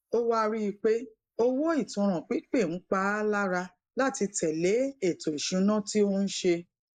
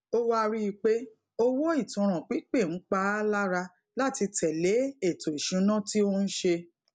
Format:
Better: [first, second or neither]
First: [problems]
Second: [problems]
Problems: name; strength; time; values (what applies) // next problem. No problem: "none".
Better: second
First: noise reduction (neural mask model Resemble Enhance denoiser)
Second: none